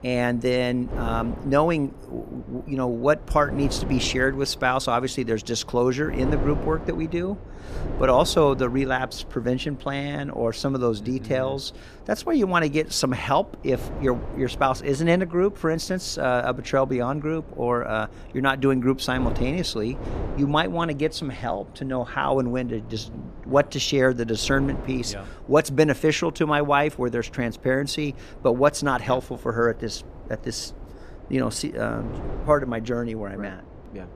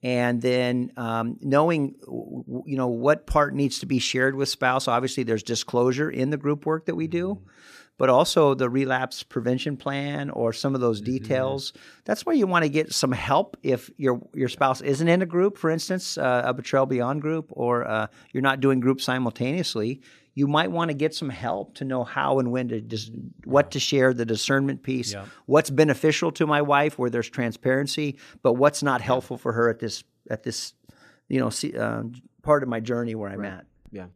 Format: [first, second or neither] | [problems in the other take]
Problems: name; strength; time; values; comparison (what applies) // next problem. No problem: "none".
second | wind noise on the microphone; occasional gusts; 20 dB below the speech